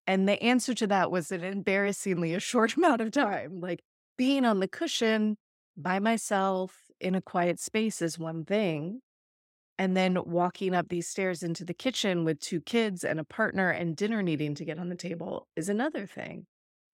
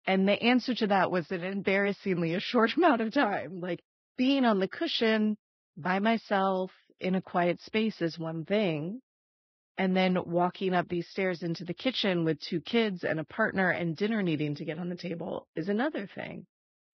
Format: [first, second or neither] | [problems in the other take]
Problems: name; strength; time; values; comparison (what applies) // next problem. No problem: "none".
first | garbled, watery; badly; nothing above 5.5 kHz